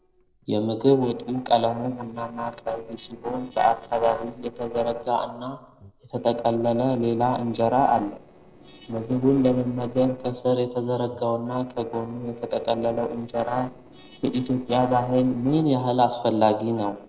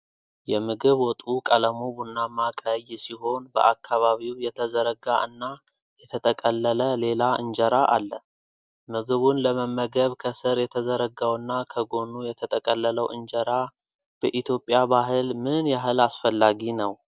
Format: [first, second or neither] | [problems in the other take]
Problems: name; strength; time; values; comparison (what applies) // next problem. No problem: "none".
second | noise reduction (neural separator model SepFormer DNS4)